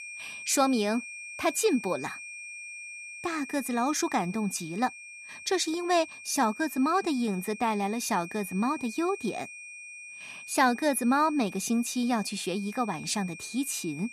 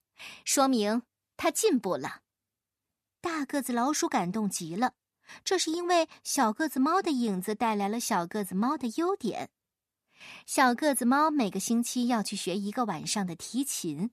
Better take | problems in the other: second | high-pitched whine; noticeable; throughout; 2.5 kHz, 15 dB below the speech

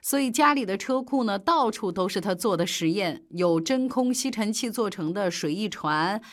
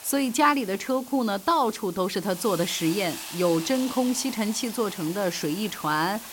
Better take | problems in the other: first | hiss; noticeable; throughout; 10 dB below the speech

